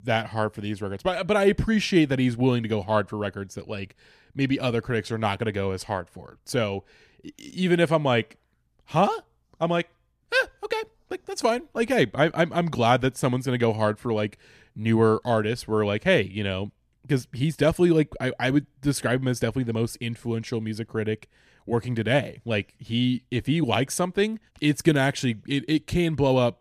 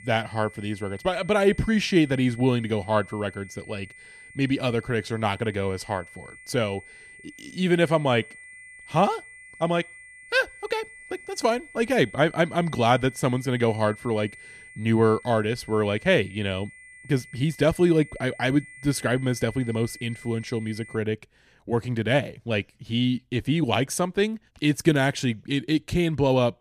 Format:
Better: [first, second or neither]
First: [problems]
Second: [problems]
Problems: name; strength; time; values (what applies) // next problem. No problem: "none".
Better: first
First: none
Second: high-pitched whine; noticeable; until 21 s; 2 kHz, 20 dB below the speech